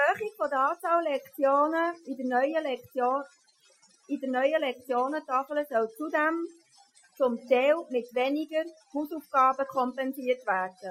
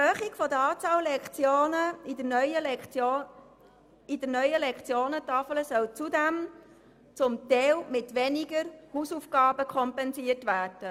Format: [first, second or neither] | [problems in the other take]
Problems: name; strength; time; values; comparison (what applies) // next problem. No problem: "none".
second | noise reduction (classical method Wiener filter)